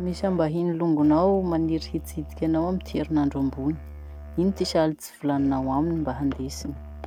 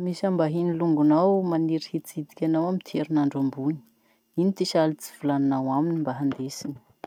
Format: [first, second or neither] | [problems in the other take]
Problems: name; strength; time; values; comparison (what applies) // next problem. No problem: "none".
second | background sound (Musical instrument); 14 dB below the speech